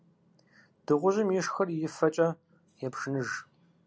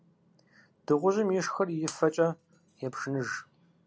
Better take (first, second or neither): first